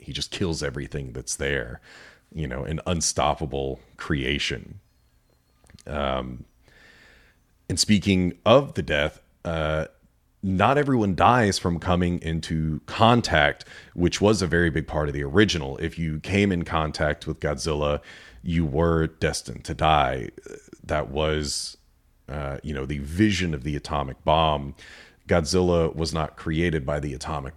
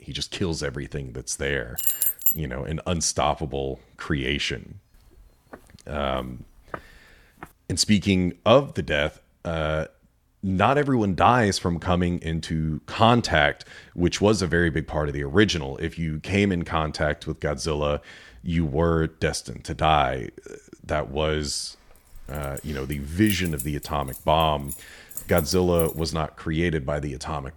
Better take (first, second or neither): first